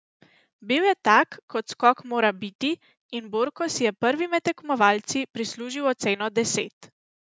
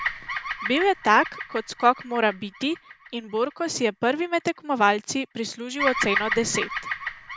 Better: first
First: none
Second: background sound (Bird vocalization, bird call, bird song); 8 dB below the speech

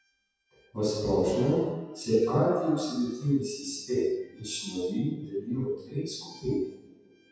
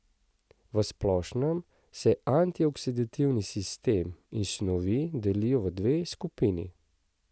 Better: second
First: noise reduction (classical method WPE with log-MMSE)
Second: none

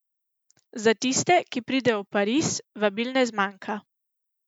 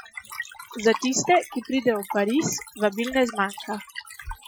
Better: first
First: none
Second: noise reduction (classical method Wiener filter)

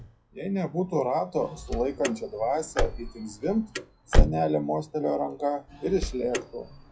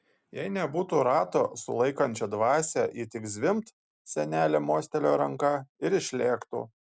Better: second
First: noise reduction (classical method WPE with log-MMSE)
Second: none

